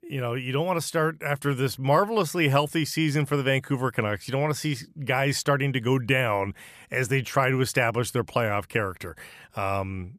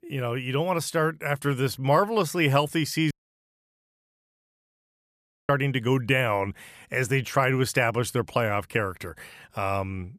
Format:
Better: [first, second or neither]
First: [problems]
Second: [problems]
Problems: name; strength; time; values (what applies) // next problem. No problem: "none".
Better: first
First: none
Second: audio cutting out; at 3 s for 2.5 s